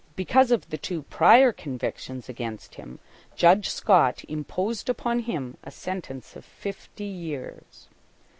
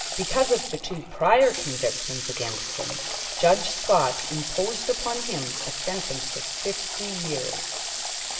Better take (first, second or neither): first